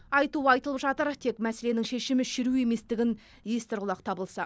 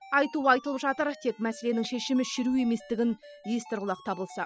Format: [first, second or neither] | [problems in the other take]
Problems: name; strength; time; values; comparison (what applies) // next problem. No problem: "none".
first | noise reduction (classical method spectral subtraction)